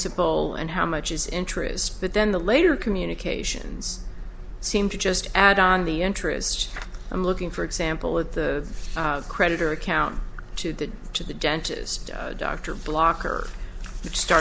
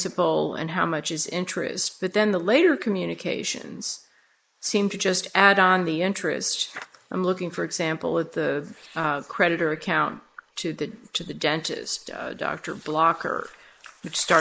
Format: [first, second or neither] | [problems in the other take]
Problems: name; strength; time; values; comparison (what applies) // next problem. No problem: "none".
first | noise reduction (neural mask model Resemble Enhance denoiser)